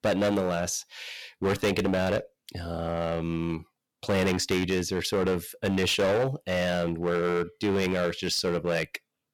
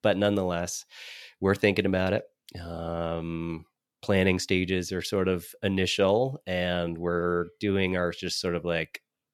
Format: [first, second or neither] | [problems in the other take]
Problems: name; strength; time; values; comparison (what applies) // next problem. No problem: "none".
second | distortion; heavy; 11% of the sound clipped